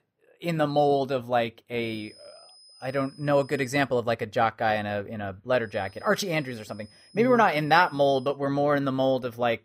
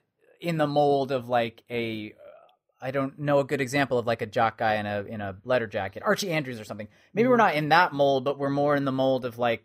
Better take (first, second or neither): second